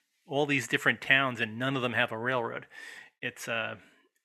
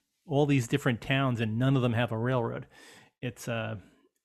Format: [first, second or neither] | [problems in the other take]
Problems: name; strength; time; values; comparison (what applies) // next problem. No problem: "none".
second | thin; somewhat; fading below 950 Hz